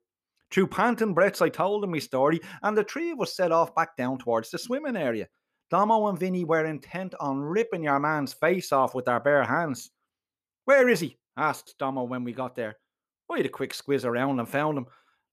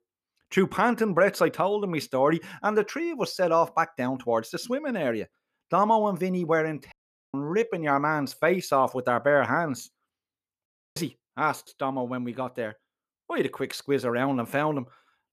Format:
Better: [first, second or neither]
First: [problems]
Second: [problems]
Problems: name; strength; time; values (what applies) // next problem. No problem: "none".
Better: first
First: none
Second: audio cutting out; at 7 s and at 11 s